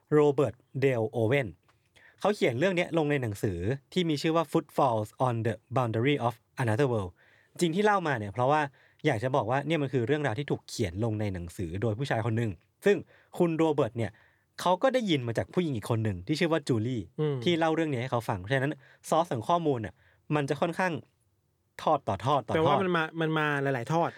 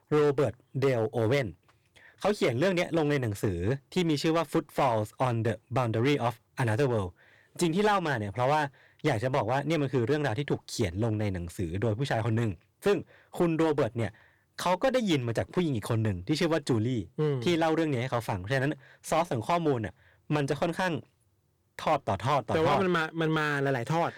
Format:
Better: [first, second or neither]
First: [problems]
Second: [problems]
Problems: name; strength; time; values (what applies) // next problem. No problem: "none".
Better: first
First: none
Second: distortion; slight; 6% of the sound clipped